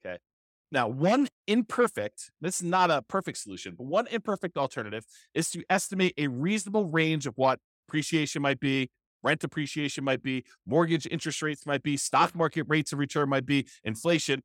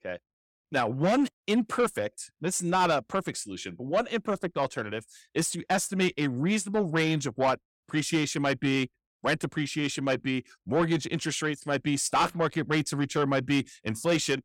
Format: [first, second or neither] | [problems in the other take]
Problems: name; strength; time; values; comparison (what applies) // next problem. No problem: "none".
first | distortion; slight; 10 dB below the speech